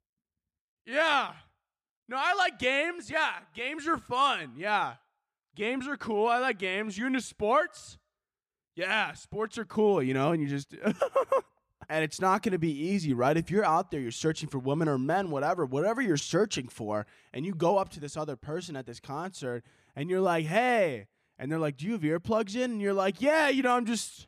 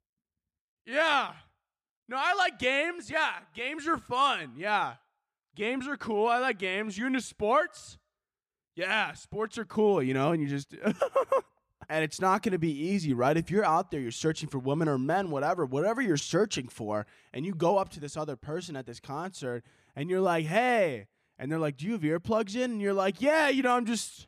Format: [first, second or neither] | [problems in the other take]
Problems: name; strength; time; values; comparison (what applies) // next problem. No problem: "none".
neither | none